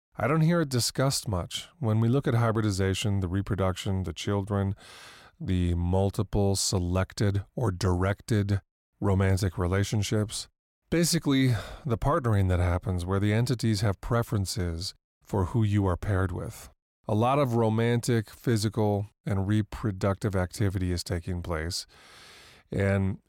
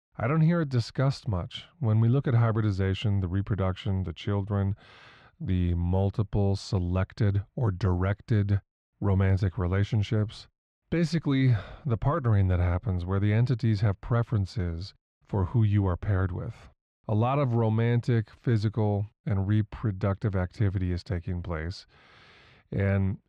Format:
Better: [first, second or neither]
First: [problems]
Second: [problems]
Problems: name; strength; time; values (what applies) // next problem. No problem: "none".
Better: first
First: none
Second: muffled; slightly; fading above 3 kHz